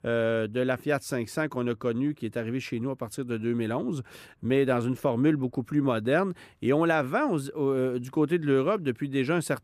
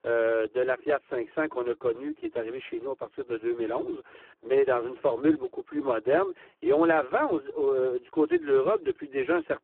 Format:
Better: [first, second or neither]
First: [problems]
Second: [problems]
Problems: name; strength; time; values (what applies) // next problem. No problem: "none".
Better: first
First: none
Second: phone-call audio; poor line